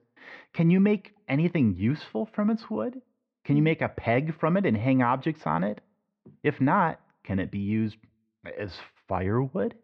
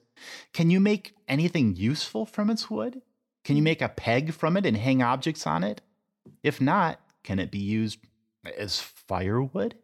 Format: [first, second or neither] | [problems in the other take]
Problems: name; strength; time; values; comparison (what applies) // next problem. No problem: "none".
second | muffled; very; fading above 2.5 kHz